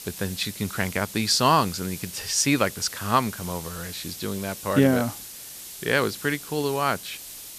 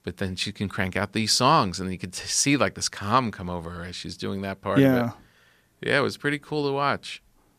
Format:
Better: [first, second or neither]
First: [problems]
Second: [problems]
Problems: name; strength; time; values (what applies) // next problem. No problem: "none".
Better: second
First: hiss; noticeable; throughout; 10 dB below the speech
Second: none